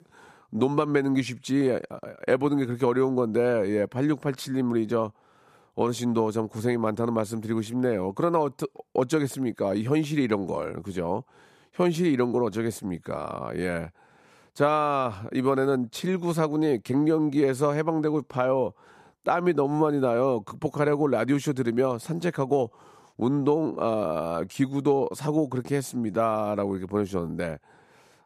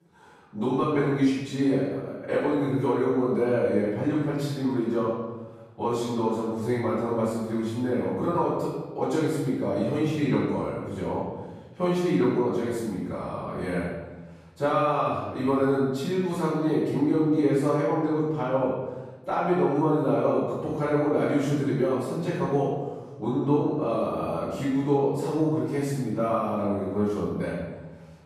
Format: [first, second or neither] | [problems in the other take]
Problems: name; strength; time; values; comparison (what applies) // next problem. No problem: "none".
first | off-mic speech; far // room echo; strong; dies away in 1.1 s